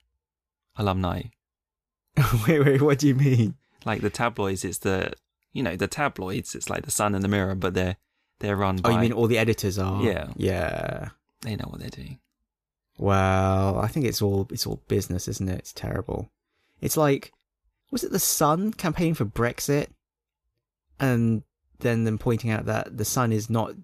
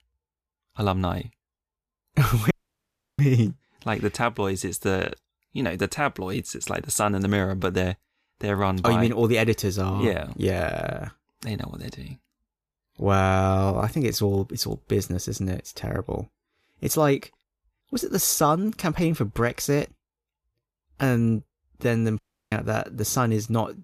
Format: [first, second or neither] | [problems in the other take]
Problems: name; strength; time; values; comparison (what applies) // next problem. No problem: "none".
first | audio cutting out; at 2.5 s for 0.5 s and at 22 s